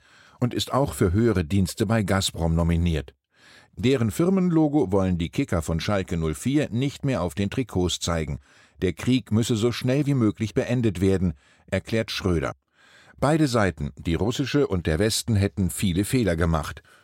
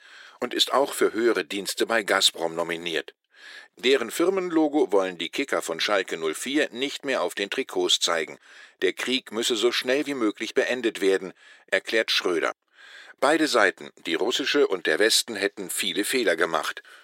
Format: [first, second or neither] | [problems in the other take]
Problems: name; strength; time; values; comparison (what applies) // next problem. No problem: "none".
first | thin; very; fading below 350 Hz